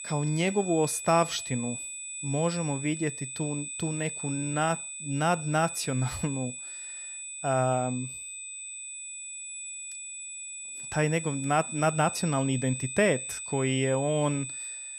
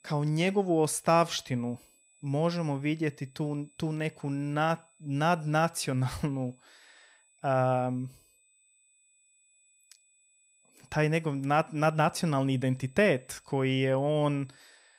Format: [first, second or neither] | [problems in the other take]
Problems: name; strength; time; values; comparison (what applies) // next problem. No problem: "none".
second | high-pitched whine; loud; throughout; 8 kHz, 7 dB below the speech; faint in the second